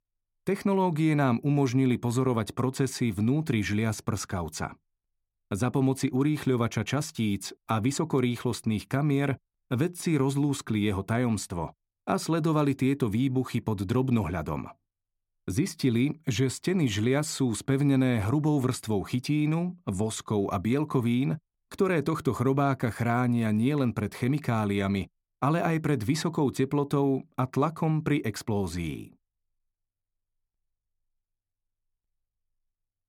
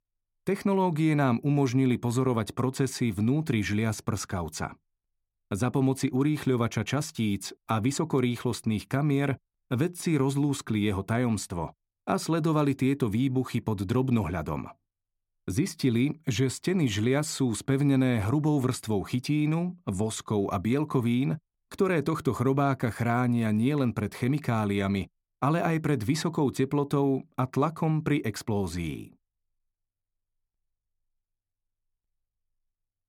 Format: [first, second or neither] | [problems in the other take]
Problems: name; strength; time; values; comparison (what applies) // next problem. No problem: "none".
neither | none